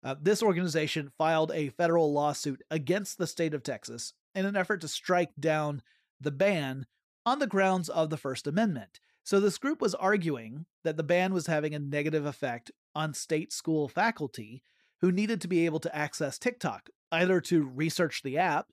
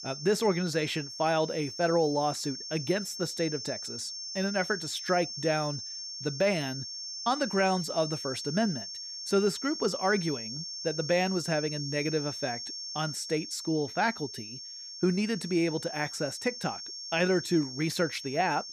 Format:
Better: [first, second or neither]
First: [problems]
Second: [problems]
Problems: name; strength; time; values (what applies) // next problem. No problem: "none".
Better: first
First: none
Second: high-pitched whine; loud; throughout; 5.5 kHz, 7 dB below the speech